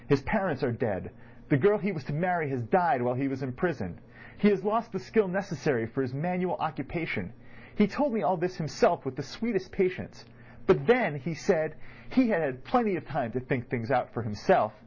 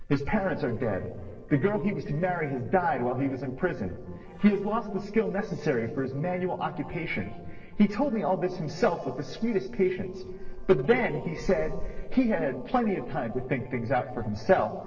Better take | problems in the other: first | noise reduction (neural separator model SepFormer DNS4)

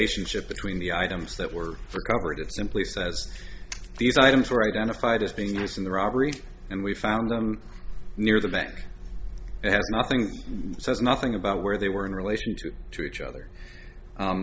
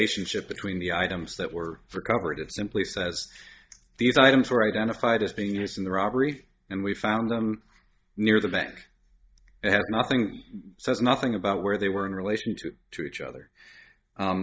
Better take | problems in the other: first | noise reduction (neural mask model DeepFilterNet 3)

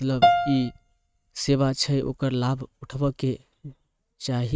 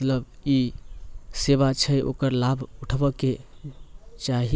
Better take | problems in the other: second | noise reduction (neural mask model RNNoise)

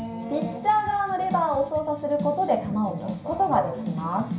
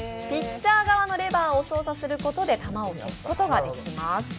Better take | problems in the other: second | room echo; dies away in 0.5 s

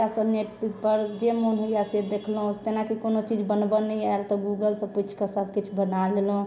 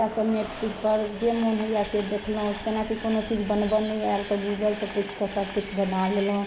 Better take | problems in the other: first | background sound (Train); 13 dB below the speech

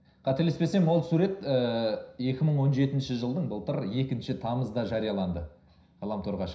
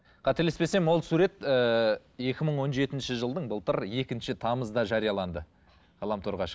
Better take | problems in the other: second | room echo; dies away in 0.5 s

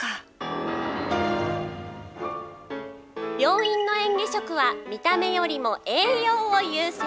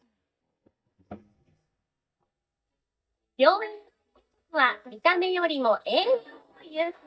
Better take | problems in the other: first | noise reduction (neural mask model DeepFilterNet 3)

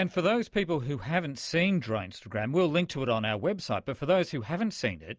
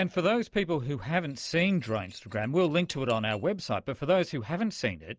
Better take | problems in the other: first | noise reduction (neural separator model SepFormer DNS4)

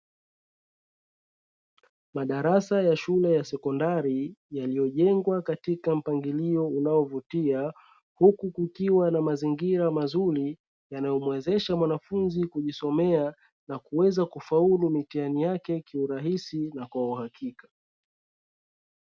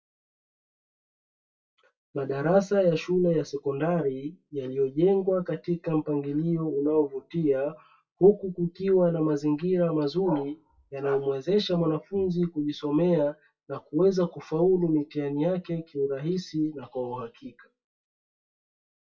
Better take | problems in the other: first | noise reduction (classical method WPE with log-MMSE)

